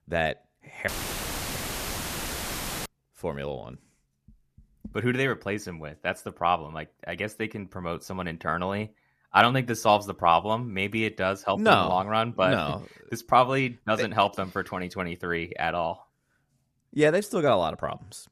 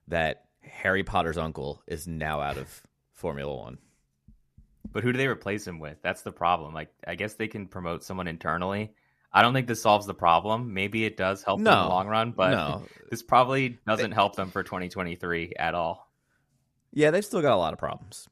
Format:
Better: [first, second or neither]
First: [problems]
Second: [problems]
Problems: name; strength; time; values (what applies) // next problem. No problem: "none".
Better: second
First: audio cutting out; filled with static; at 1 s for 2 s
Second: none